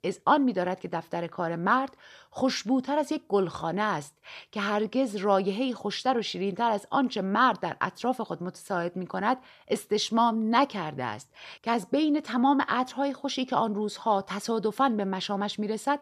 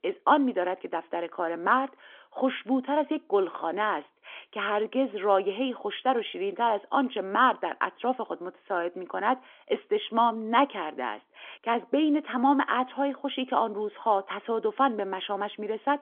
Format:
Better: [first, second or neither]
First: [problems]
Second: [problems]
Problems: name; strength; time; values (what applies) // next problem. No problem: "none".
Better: first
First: none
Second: phone-call audio; nothing above 3.5 kHz